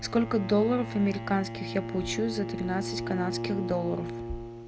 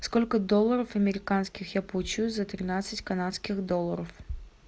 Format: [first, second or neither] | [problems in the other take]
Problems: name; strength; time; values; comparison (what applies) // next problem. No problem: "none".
second | background sound (Bowed string instrument); 6 dB below the speech